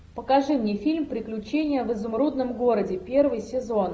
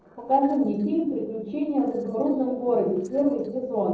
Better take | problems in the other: first | noise reduction (neural separator model SepFormer DNS4)

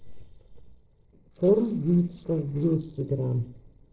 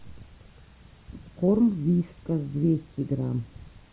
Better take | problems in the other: second | noise reduction (neural separator model SepFormer DNS4)

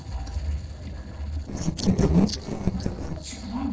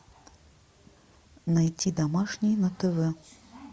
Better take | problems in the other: second | noise reduction (neural separator model SepFormer DNS4)

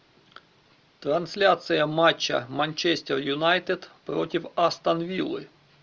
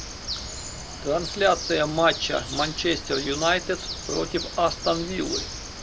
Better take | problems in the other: first | background sound (Bird); 8 dB below the speech

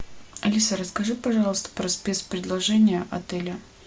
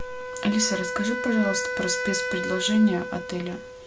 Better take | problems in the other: first | background sound (Wind instrument, woodwind instrument); 5 dB below the speech

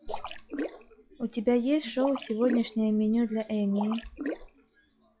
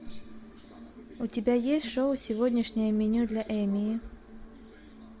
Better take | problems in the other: second | noise reduction (classical method log-MMSE)

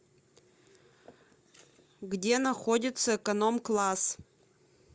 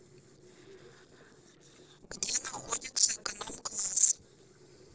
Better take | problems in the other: first | noise reduction (neural separator model SepFormer DNS4)

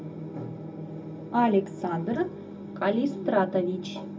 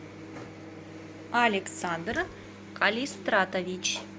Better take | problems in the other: second | room echo; dies away in 0.4 s

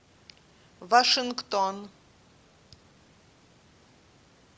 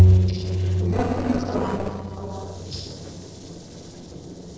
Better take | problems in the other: first | noise reduction (neural separator model SepFormer DNS4)

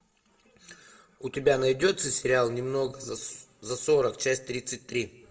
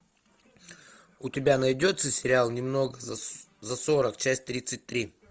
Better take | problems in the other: second | room echo; dies away in 0.5 s

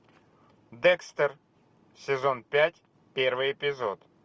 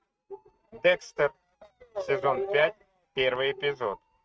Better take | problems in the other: first | noise reduction (neural mask model RNNoise)

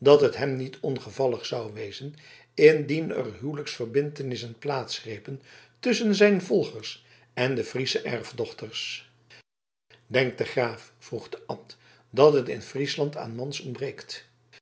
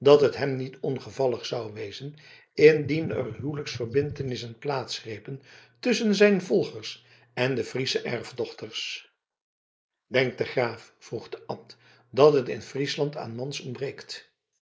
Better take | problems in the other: first | noise reduction (neural mask model Resemble Enhance denoiser)

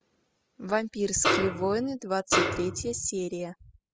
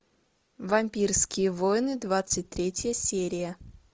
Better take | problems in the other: second | noise reduction (classical method spectral subtraction)

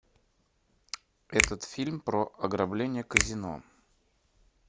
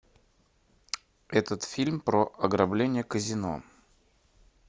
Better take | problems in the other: second | background sound (Finger snapping); 1 dB above the speech

